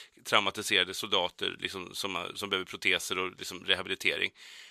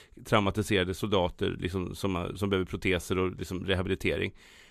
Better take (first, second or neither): second